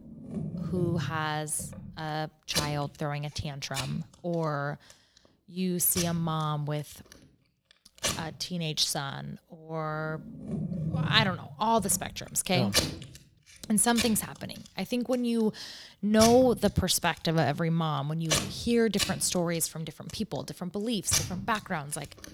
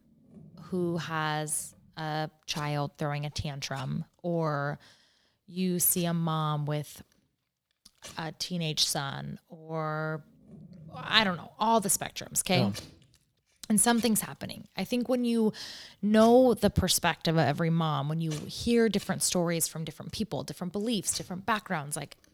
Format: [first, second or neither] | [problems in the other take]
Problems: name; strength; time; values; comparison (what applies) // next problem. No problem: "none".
second | household noises; loud; throughout; 4 dB below the speech; faint in the second